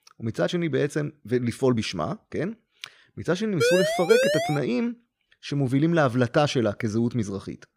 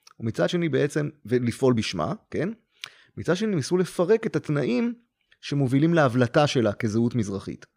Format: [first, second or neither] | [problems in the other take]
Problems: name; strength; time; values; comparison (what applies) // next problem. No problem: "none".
second | siren; loud; at 3.5 s; peak 3 dB above the speech